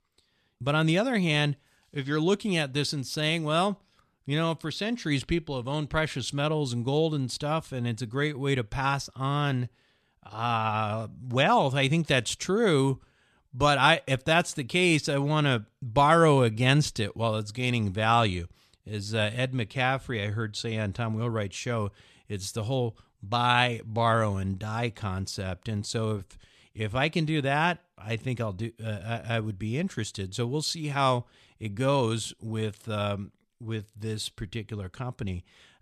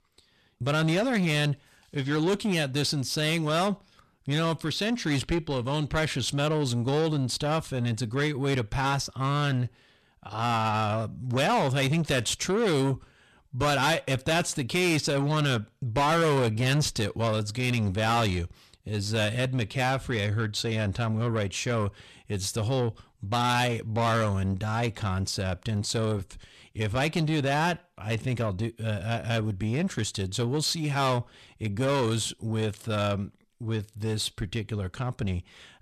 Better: first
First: none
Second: distortion; heavy; 8 dB below the speech

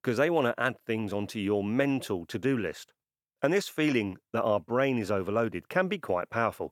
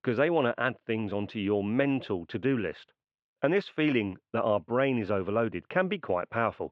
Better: first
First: none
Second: muffled; slightly; fading above 3.5 kHz

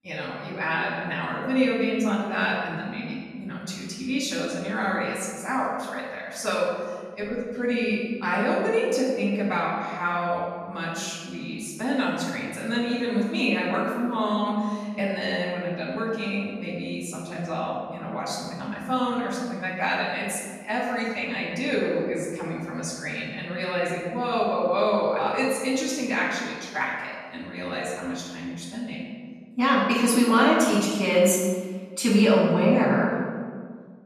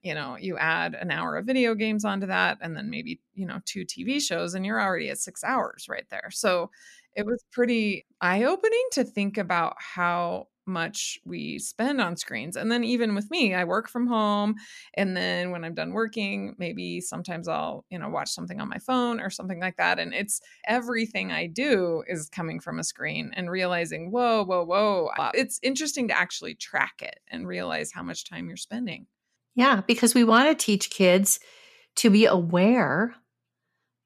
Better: second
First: off-mic speech; far // room echo; noticeable; dies away in 1.5 s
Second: none

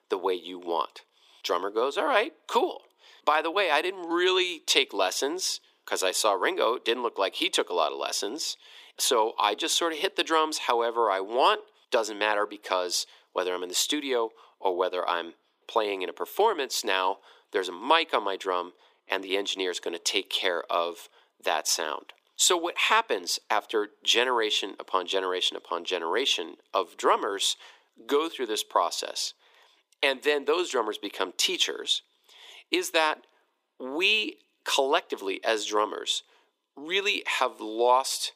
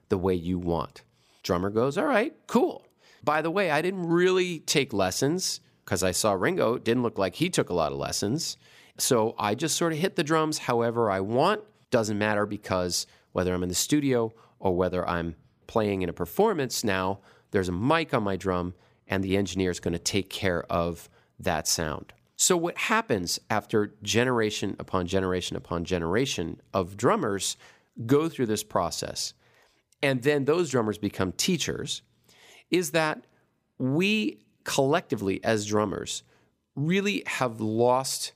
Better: second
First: thin; very; fading below 350 Hz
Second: none

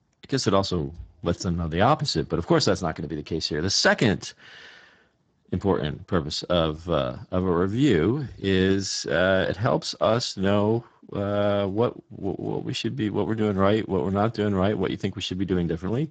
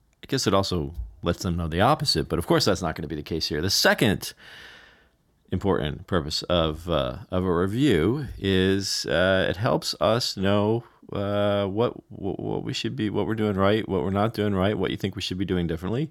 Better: second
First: garbled, watery; badly; nothing above 7.5 kHz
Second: none

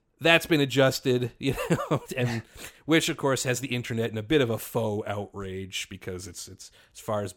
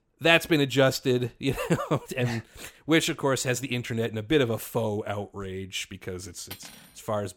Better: first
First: none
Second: clattering dishes; faint; at 6.5 s; peak 15 dB below the speech

